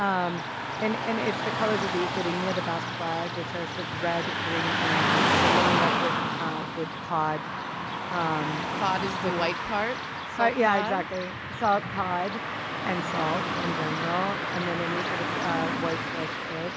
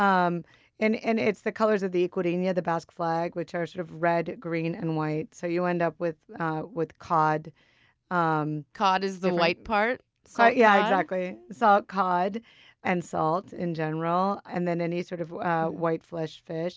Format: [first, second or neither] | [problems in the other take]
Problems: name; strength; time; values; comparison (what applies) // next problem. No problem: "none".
second | background sound (Car passing by / Traffic noise, roadway noise); 1 dB above the speech